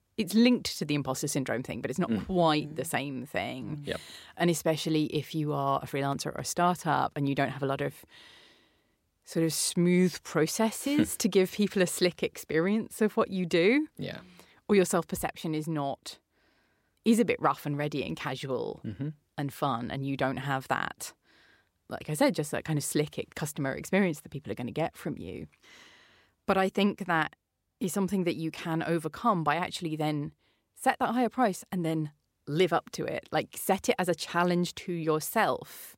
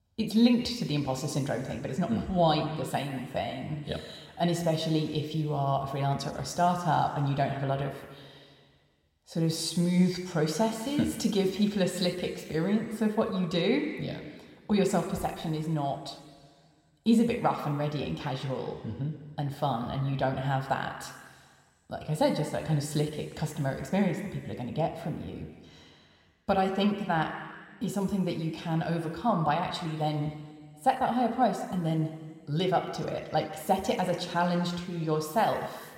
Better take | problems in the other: first | room echo; slight; dies away in 1.8 s

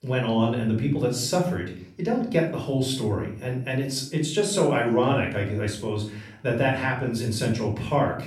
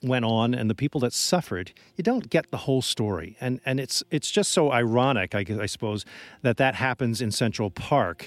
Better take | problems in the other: second | off-mic speech; far // room echo; noticeable; dies away in 0.5 s

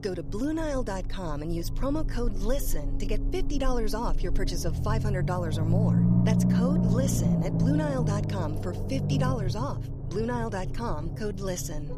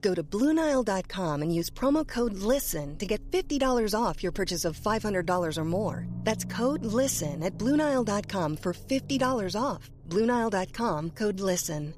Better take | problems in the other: second | low rumble; loud; throughout; 4 dB below the speech; faint in the second

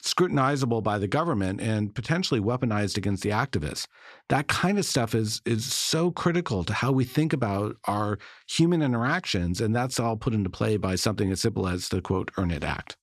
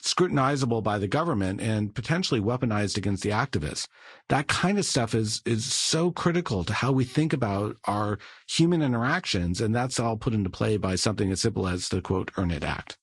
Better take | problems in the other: first | garbled, watery; slightly; nothing above 10.5 kHz

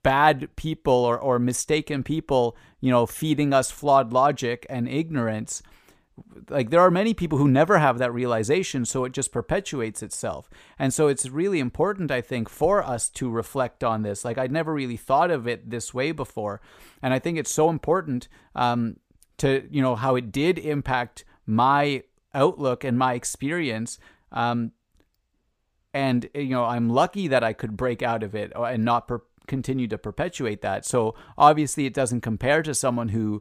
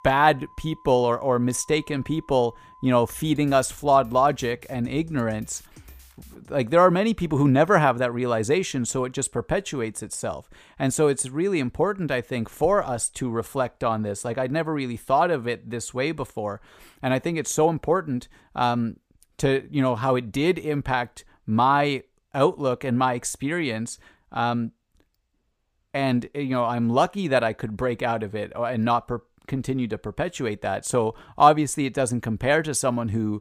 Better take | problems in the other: first | background music; faint; until 6.5 s; 25 dB below the speech

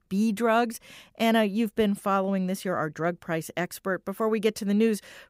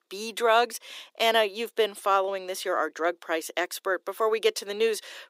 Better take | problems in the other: first | thin; very; fading below 300 Hz

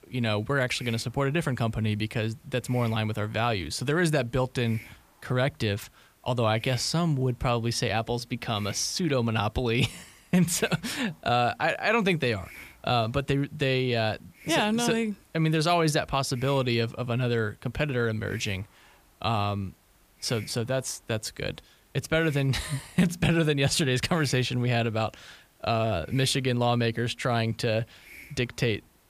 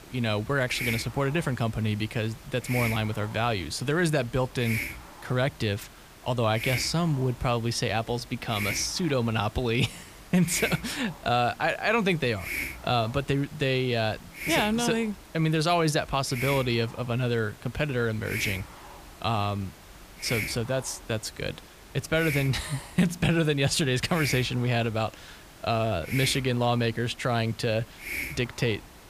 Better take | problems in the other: first | hiss; loud; throughout; 8 dB below the speech; faint in the first

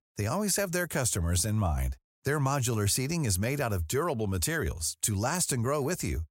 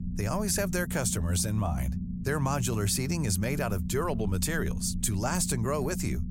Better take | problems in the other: first | low rumble; noticeable; throughout; 15 dB below the speech

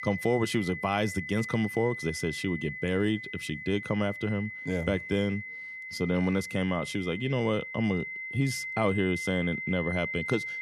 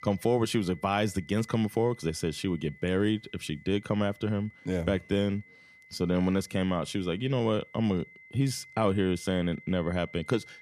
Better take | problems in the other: second | high-pitched whine; loud; throughout; 2 kHz, 6 dB below the speech; faint in the second

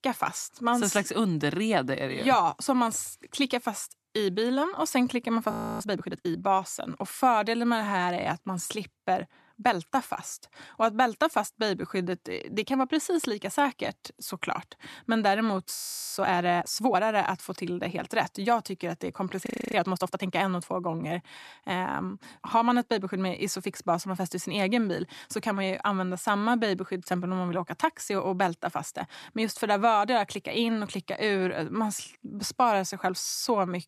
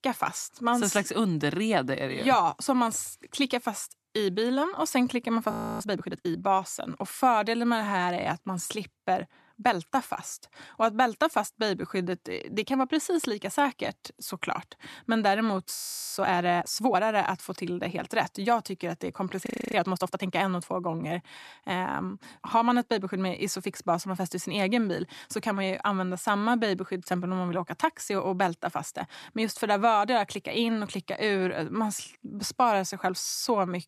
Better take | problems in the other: neither | audio freezing; at 5.5 s, at 16 s and at 19 s; the same in both

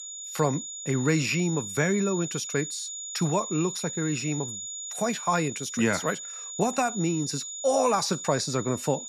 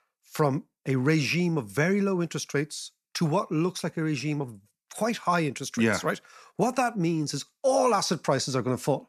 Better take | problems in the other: second | high-pitched whine; loud; throughout; 7 kHz, 7 dB below the speech

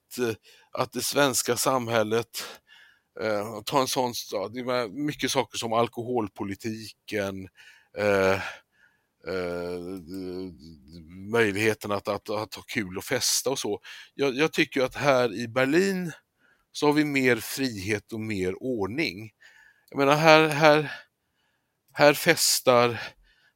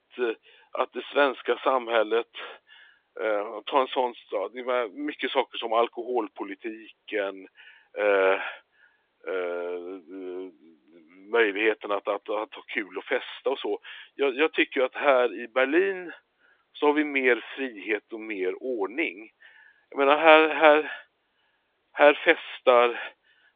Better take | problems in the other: first | phone-call audio

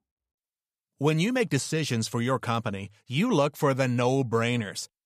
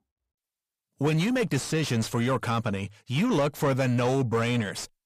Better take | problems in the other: first | distortion; slight; 10 dB below the speech

